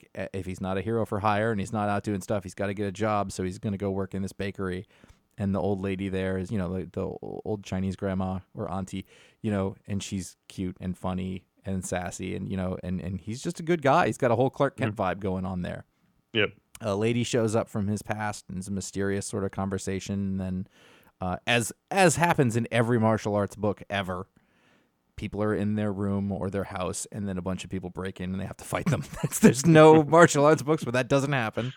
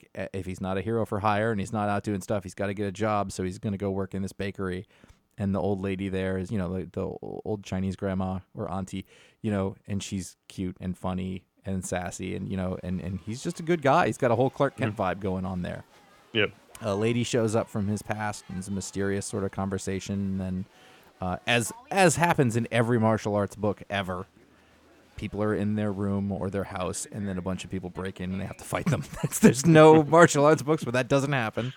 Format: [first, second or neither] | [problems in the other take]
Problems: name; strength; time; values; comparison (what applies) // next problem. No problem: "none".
first | crowd noise; faint; from 12 s on; 30 dB below the speech